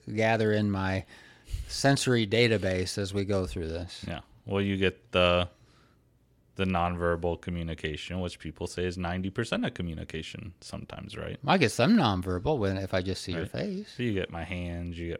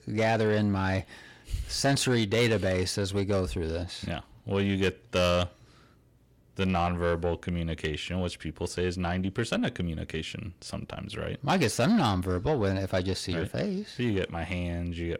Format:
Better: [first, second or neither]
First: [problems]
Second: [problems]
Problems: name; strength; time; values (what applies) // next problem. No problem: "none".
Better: first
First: none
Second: distortion; slight; 10 dB below the speech